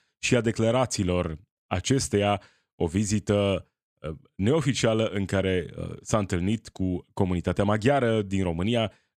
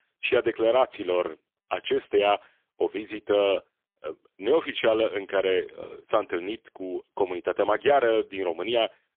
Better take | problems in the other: first | phone-call audio; poor line; nothing above 3.5 kHz

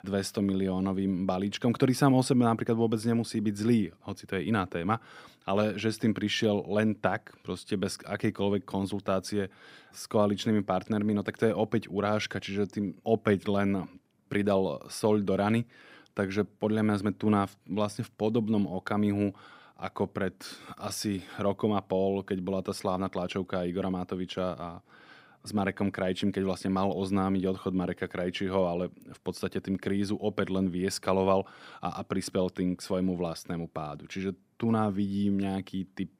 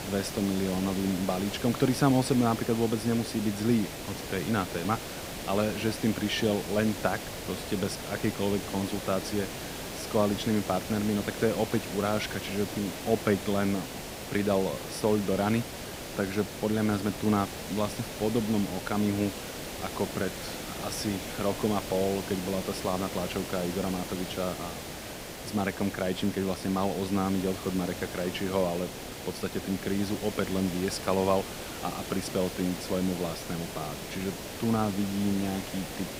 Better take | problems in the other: first | hiss; loud; throughout; 7 dB below the speech

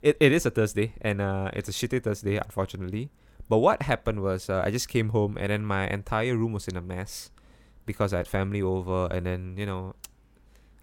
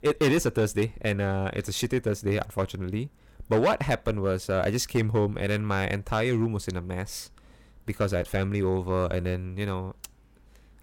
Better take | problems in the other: first | distortion; slight; 4% of the sound clipped

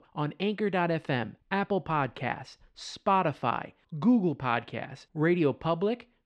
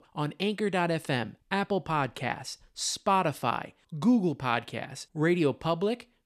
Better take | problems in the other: second | muffled; slightly; fading above 3 kHz

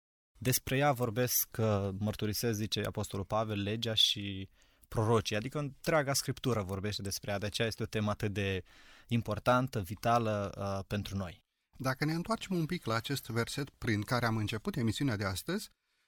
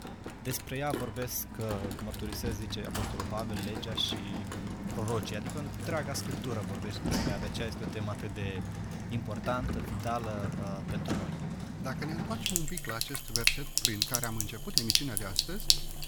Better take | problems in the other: first | household noises; very loud; throughout; 4 dB above the speech

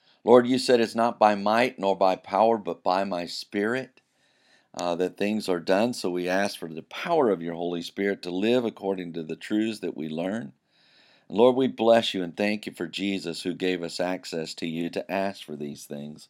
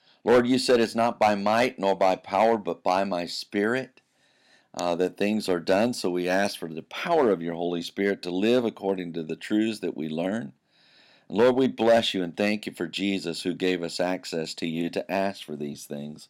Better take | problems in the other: first | distortion; slight; 1.6% of the sound clipped

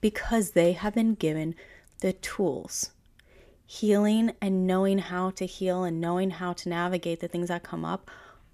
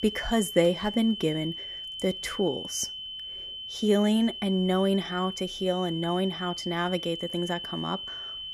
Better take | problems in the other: first | high-pitched whine; loud; throughout; 3 kHz, 8 dB below the speech

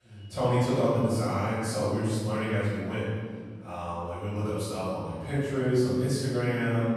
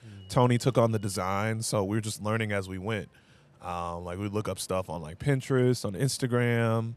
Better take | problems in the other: second | off-mic speech; far // room echo; strong; dies away in 2 s

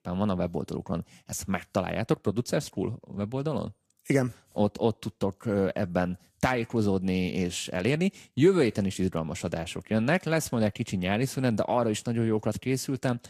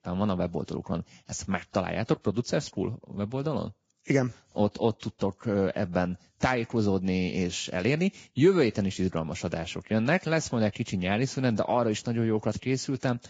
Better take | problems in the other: first | garbled, watery; badly; nothing above 7.5 kHz; slightly in the first

